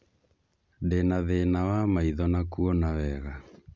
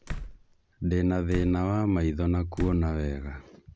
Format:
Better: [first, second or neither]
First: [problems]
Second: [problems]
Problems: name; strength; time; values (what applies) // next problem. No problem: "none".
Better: first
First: none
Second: background sound (Slam); 13 dB below the speech